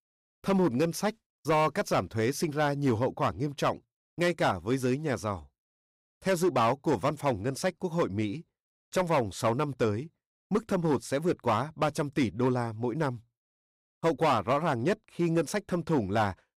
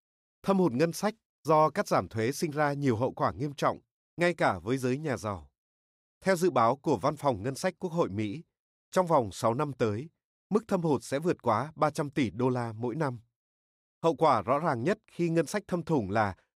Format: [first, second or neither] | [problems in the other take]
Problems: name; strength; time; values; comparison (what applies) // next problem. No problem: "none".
second | distortion; slight; 5% of the sound clipped